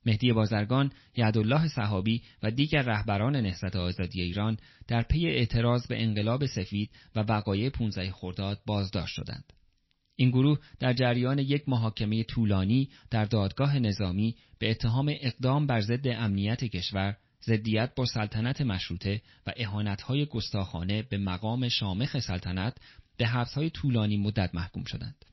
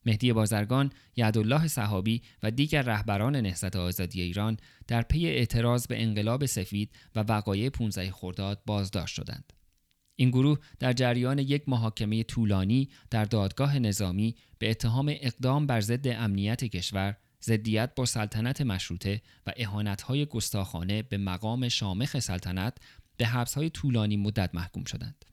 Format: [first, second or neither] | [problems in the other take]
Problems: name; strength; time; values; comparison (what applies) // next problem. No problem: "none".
second | garbled, watery; slightly; nothing above 5.5 kHz